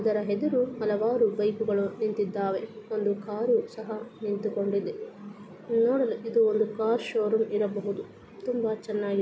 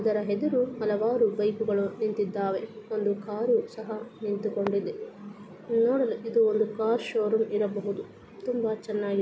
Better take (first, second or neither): first